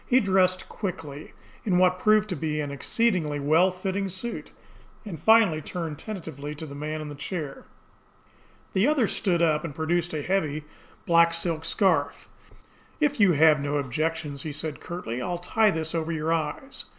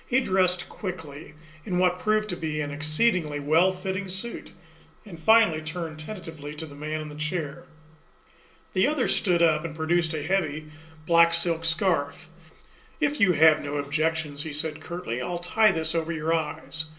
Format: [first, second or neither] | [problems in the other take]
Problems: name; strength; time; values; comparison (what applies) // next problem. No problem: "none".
first | room echo; dies away in 0.2 s